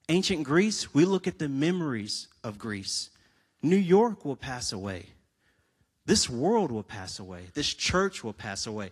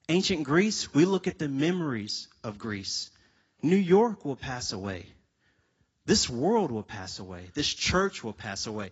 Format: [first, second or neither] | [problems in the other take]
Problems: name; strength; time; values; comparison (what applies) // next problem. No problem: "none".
first | garbled, watery; badly; nothing above 7.5 kHz; slightly in the first